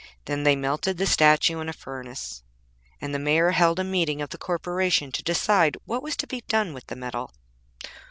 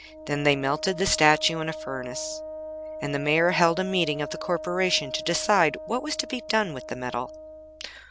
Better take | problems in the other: first | background sound (Wind instrument, woodwind instrument); 12 dB below the speech

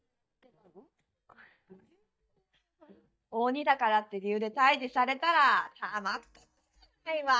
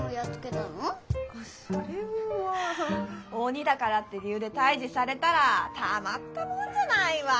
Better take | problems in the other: second | noise reduction (neural mask model DeepFilterNet 3)

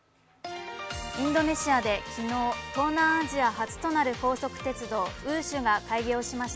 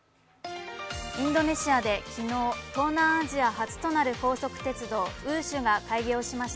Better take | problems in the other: second | background sound (Trumpet); 16 dB below the speech

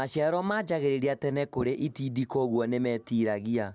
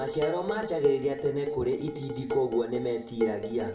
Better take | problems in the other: first | background sound (Dishes, pots, and pans); 6 dB below the speech // room echo; dies away in 0.5 s

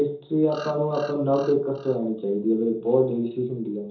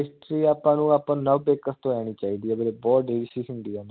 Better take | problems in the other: second | background sound (Bird vocalization, bird call, bird song); 20 dB below the speech // room echo; dies away in 0.6 s

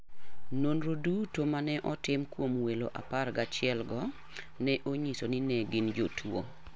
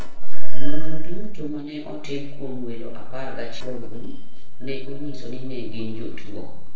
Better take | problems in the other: first | noise reduction (neural separator model SepFormer DNS4)

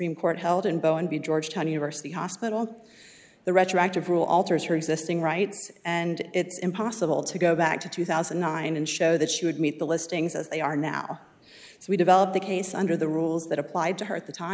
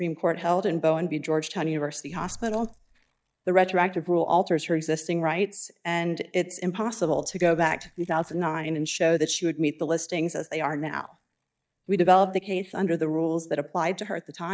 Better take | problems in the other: first | noise reduction (neural mask model DeepFilterNet 3)

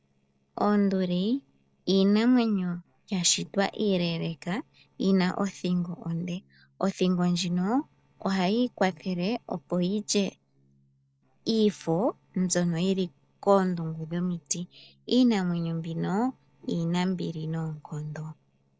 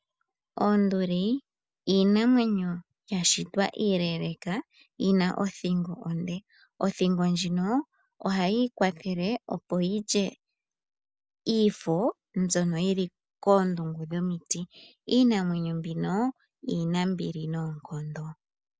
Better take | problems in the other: second | noise reduction (neural separator model SepFormer DNS4)

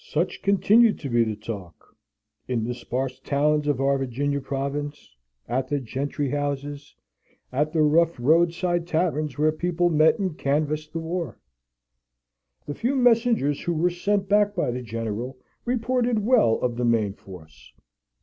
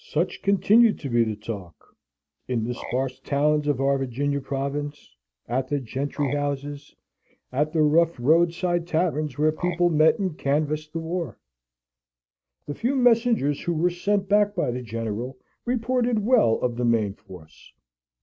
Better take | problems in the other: first | noise reduction (neural mask model RNNoise)

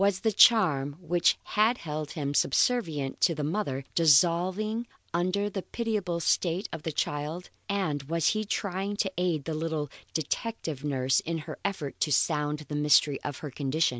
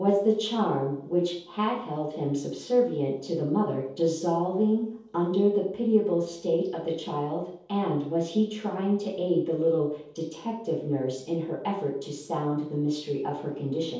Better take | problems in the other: first | room echo; dies away in 0.7 s

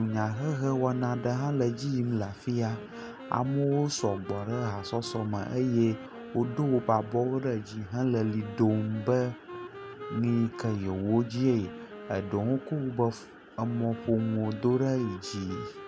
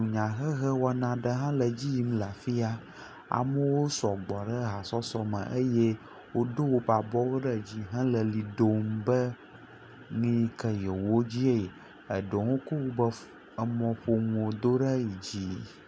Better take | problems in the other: second | background sound (Wind instrument, woodwind instrument); 15 dB below the speech

